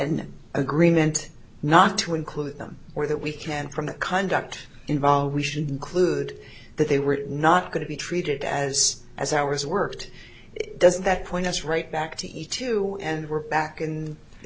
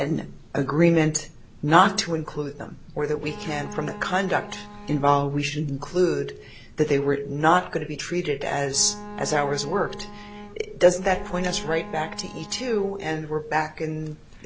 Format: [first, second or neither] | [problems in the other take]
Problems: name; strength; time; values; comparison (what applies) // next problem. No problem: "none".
first | background sound (Bowed string instrument); 15 dB below the speech